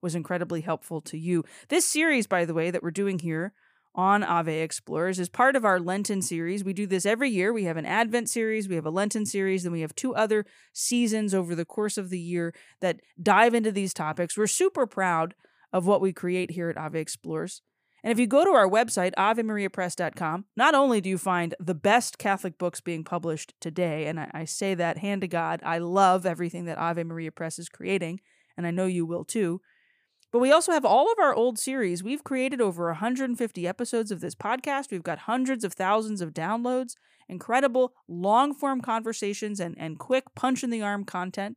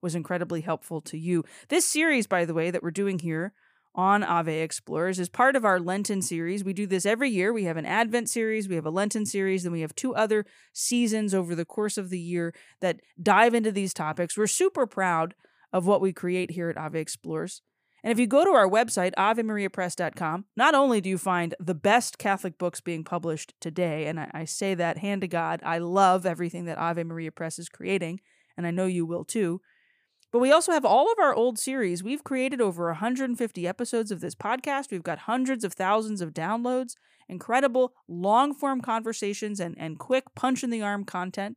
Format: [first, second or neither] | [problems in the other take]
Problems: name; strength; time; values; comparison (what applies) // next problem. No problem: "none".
neither | none